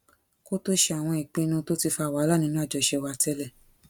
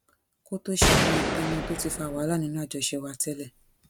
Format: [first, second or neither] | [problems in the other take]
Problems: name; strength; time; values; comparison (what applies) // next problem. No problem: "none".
first | background sound (Gunshot, gunfire); 5 dB above the speech